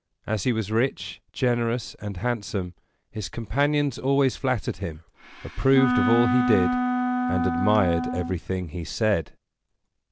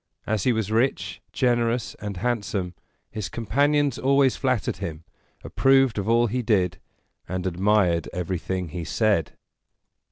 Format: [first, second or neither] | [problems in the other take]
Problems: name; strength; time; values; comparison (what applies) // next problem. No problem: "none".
second | background sound (Wind instrument, woodwind instrument); as loud as the speech